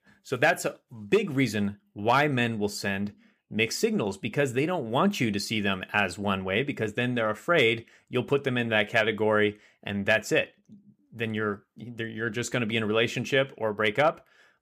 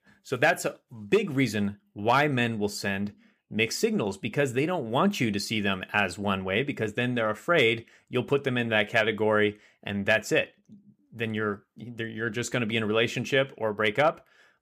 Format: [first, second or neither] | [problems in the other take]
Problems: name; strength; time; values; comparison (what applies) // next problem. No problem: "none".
neither | none